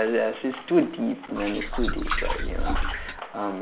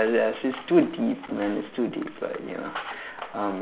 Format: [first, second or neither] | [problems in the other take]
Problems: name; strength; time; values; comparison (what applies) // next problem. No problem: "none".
second | background sound (Liquid); 1 dB above the speech